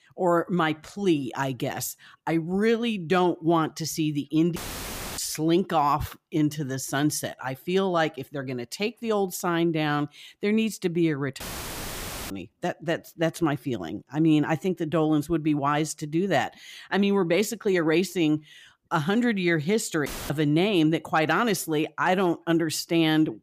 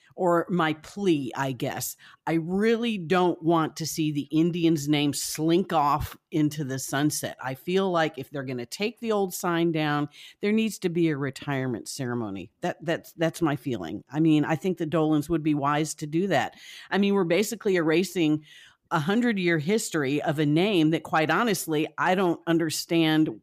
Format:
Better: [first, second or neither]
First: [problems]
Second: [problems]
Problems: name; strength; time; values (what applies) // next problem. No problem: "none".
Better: second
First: audio cutting out; filled with static; at 4.5 s for 0.5 s, at 11 s for 1 s and at 20 s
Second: none